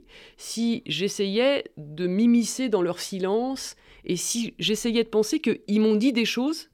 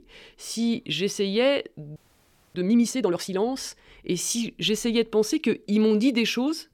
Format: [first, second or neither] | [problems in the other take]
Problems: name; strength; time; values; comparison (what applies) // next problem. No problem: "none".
first | audio freezing; at 2 s for 0.5 s